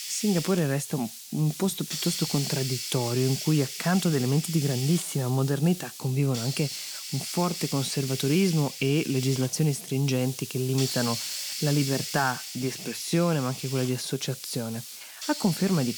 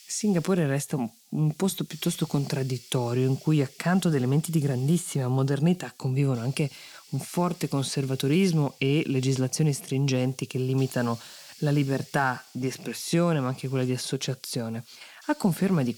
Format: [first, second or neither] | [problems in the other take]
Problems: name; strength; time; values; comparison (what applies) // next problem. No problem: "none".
second | hiss; loud; throughout; 7 dB below the speech; faint in the second